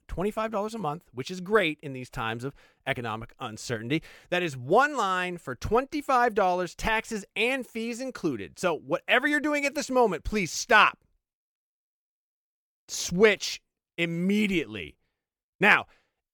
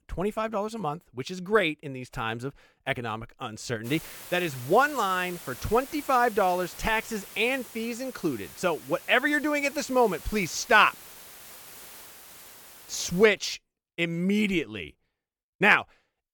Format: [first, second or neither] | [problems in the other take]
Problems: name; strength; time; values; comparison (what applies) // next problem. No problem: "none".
first | hiss; noticeable; from 4 to 13 s; 15 dB below the speech